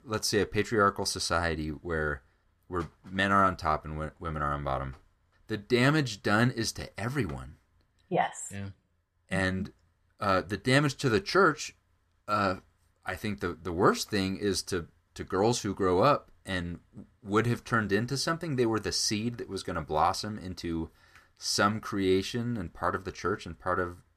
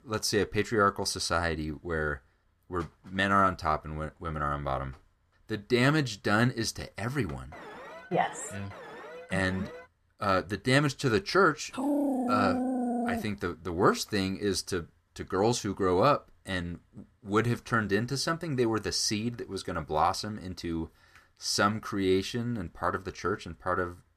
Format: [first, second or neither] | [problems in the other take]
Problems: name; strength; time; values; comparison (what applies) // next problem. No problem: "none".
first | alarm; faint; from 7.5 to 10 s; peak 15 dB below the speech // dog barking; loud; from 12 to 13 s; peak 1 dB above the speech